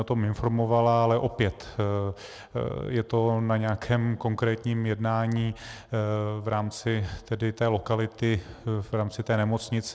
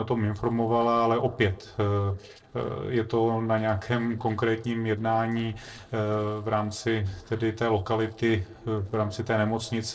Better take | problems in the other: first | noise reduction (neural separator model SepFormer DNS4)

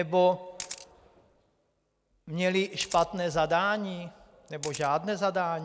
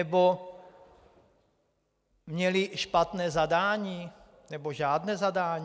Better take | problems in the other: second | background sound (Camera); 16 dB below the speech

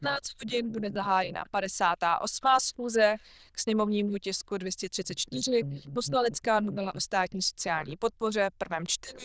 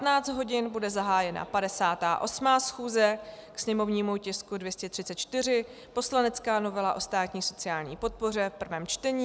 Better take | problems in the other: second | noise reduction (neural diffusion model UNIVERSE++)

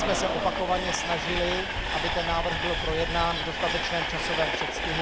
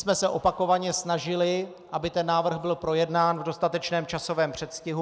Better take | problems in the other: second | background sound (Train); 1 dB above the speech

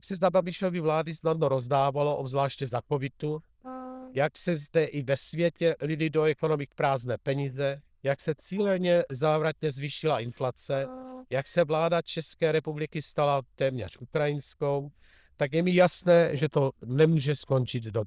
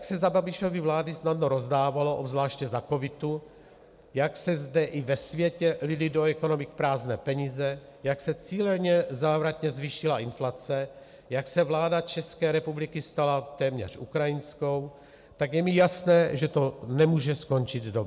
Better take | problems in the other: second | noise reduction (neural diffusion model UNIVERSE++)

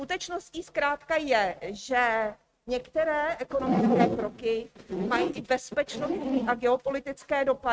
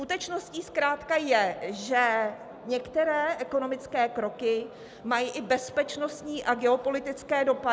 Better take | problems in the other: second | noise reduction (neural mask model RNNoise)

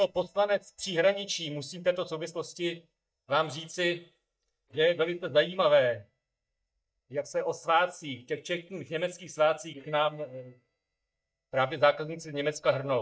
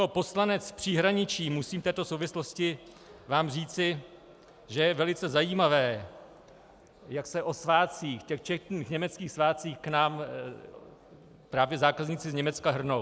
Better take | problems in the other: second | noise reduction (neural mask model DeepFilterNet 3)

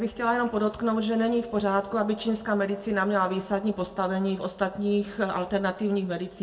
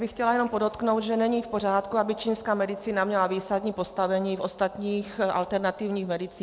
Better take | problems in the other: second | room echo; dies away in 0.5 s

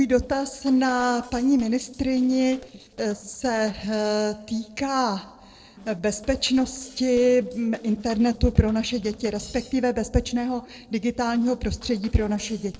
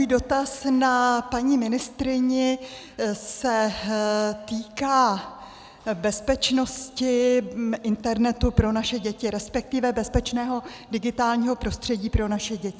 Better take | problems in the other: second | noise reduction (neural separator model SepFormer DNS4)

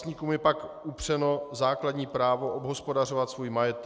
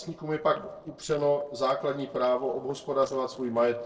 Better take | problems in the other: first | noise reduction (neural separator model SepFormer DNS4)

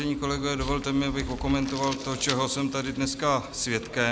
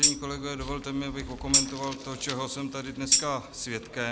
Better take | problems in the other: first | background sound (Tambourine); 4 dB above the speech

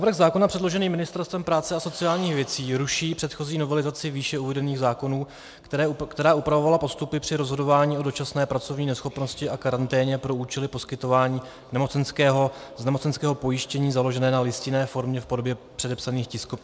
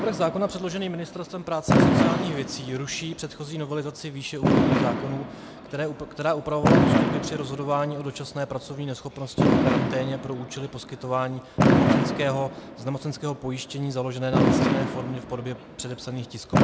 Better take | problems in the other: first | background sound (Fireworks); 4 dB above the speech

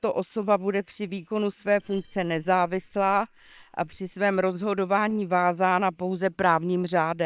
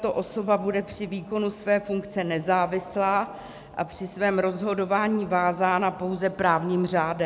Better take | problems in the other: second | noise reduction (neural separator model SepFormer WHAM!)

